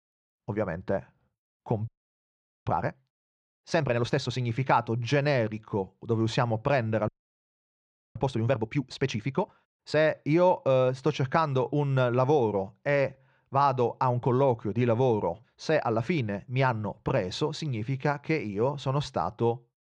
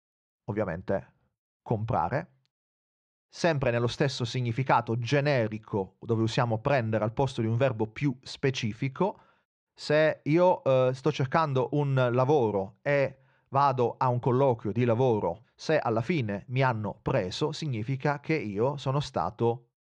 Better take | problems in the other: second | audio freezing; at 2 s for 1 s and at 7 s for 1 s

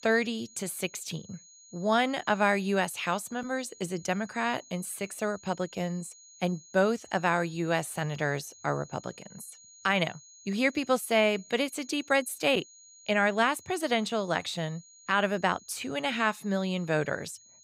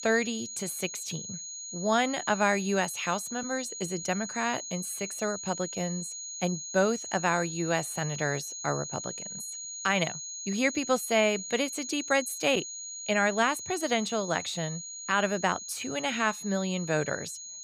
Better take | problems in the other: first | high-pitched whine; loud; throughout; 6.5 kHz, 7 dB below the speech; faint in the first

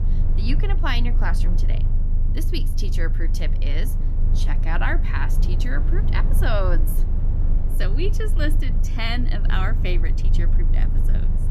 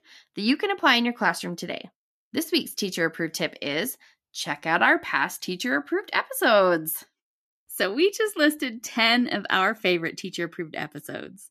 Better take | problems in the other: second | low rumble; loud; throughout; 10 dB below the speech

